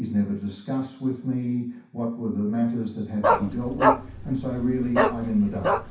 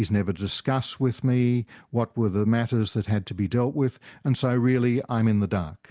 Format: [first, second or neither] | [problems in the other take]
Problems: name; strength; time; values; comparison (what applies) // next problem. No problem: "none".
second | background sound (Bark); 2 dB above the speech // room echo; dies away in 0.6 s